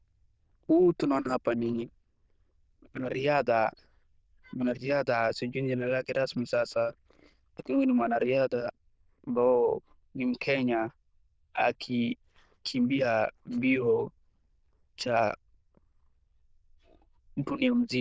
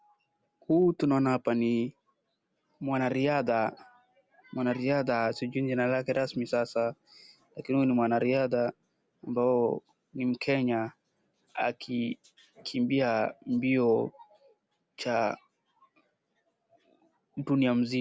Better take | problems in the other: second | noise reduction (neural diffusion model UNIVERSE++)

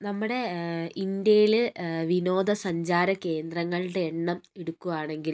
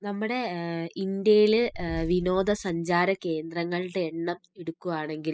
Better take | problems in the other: first | noise reduction (classical method spectral subtraction)

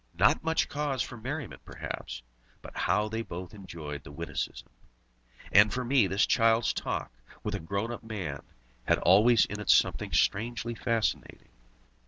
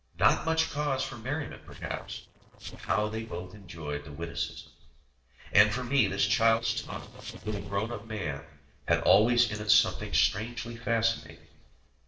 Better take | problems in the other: first | noise reduction (neural separator model SepFormer DNS4)

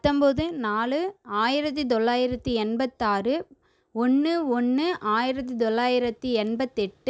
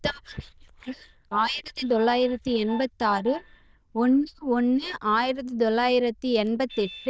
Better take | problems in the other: first | noise reduction (neural diffusion model UNIVERSE++)

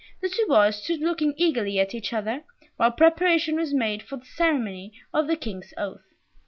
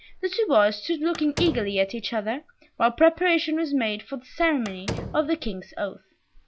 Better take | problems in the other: first | background sound (Slam); 11 dB below the speech

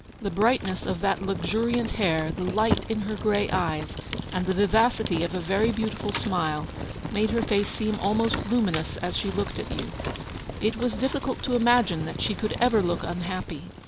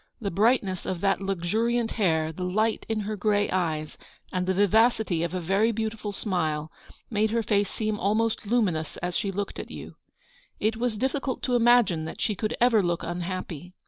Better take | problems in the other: second | background sound (Fire); 7 dB below the speech

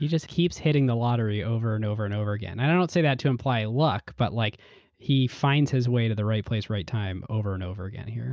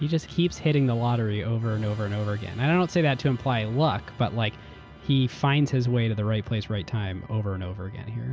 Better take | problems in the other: first | background sound (Musical instrument); 20 dB below the speech

